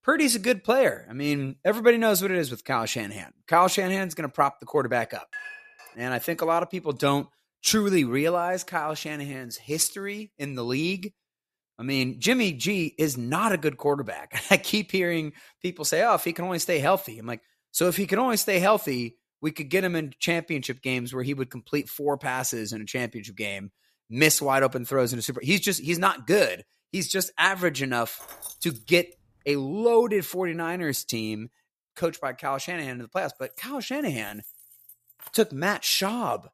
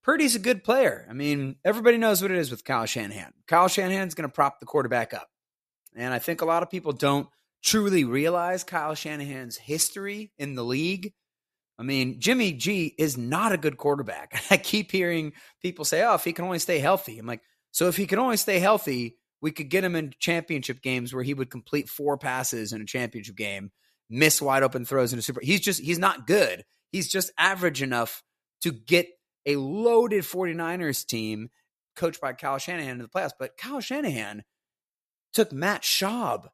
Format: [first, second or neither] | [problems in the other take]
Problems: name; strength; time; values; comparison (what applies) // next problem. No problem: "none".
second | clattering dishes; faint; at 5.5 s; peak 10 dB below the speech // jangling keys; faint; at 28 s and from 33 to 35 s; peak 15 dB below the speech